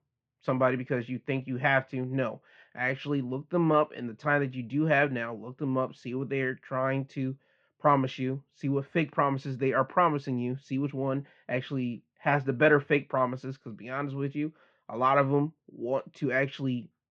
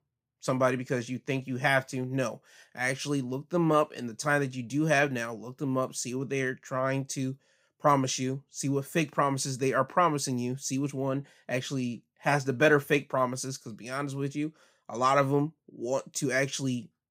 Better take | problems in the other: second | muffled; very; fading above 3 kHz

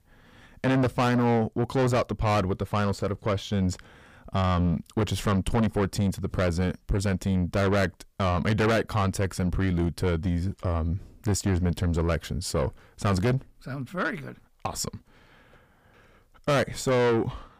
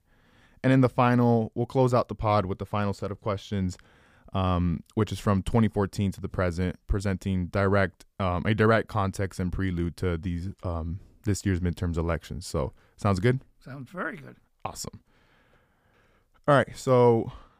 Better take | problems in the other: second | distortion; heavy; 6 dB below the speech

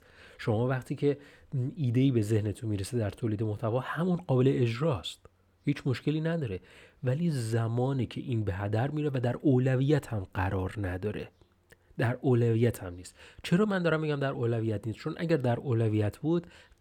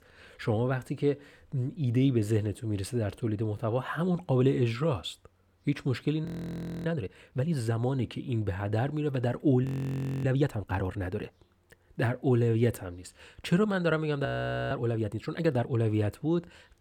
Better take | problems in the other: first | audio freezing; at 6.5 s for 0.5 s, at 9.5 s for 0.5 s and at 14 s

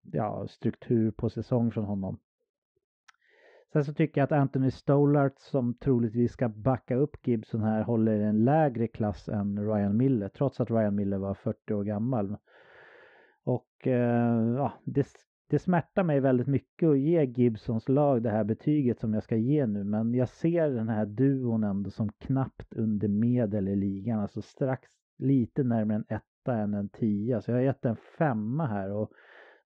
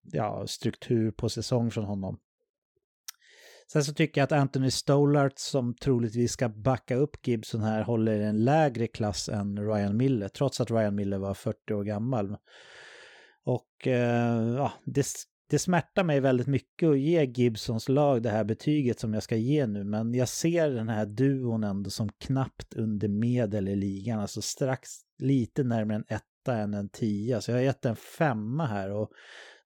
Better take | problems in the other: second | muffled; very; fading above 1.5 kHz

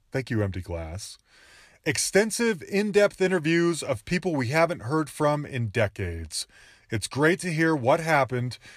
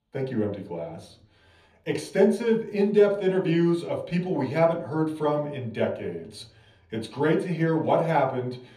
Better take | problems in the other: first | room echo; slight; dies away in 0.7 s // off-mic speech; far

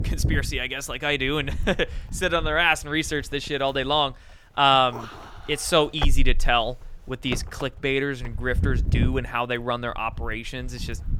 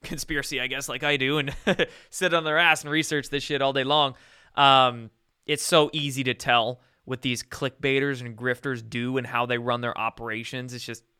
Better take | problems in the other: second | wind noise on the microphone; occasional gusts; 15 dB below the speech

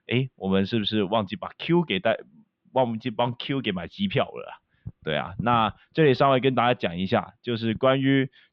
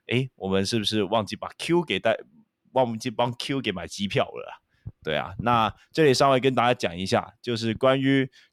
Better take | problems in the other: second | muffled; slightly; fading above 3.5 kHz

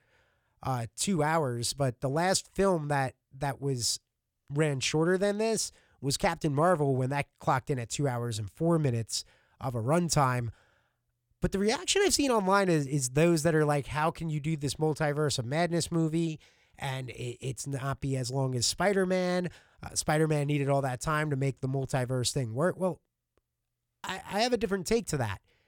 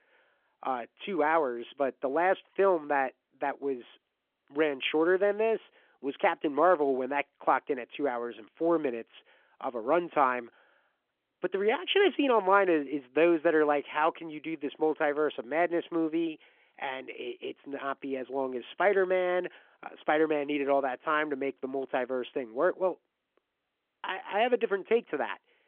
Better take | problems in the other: first | phone-call audio; nothing above 3.5 kHz

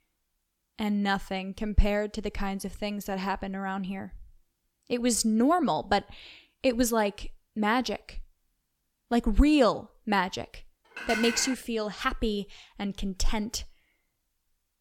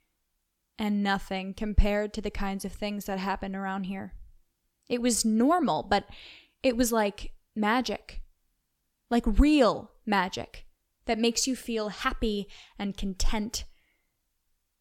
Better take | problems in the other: second | clattering dishes; noticeable; at 11 s; peak 3 dB below the speech

